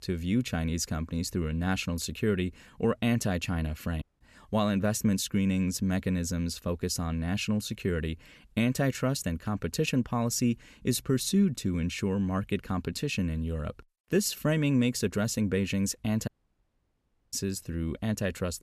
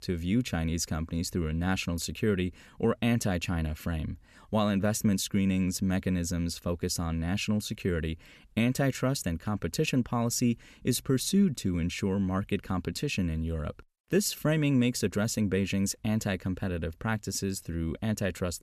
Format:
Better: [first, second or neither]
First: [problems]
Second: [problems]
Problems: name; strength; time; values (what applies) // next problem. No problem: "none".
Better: second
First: audio cutting out; at 4 s and at 16 s for 1 s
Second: none